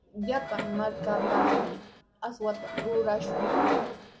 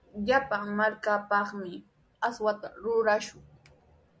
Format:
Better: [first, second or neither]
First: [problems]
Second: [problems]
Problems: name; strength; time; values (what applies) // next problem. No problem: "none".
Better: second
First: background sound (Subway, metro, underground); 3 dB above the speech // room echo; dies away in 1.5 s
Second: none